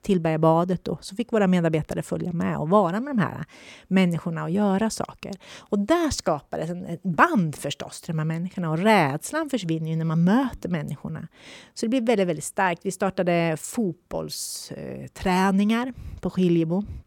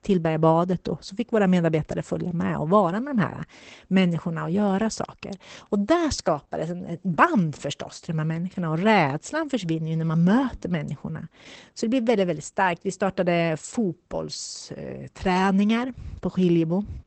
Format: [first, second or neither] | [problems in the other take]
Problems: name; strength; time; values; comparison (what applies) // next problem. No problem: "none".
first | garbled, watery; badly; nothing above 8 kHz